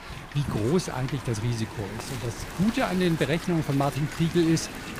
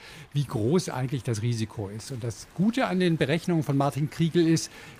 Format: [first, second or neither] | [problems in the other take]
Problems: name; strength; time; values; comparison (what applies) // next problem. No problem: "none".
second | wind noise on the microphone; heavy; 7 dB below the speech; occasional gusts in the second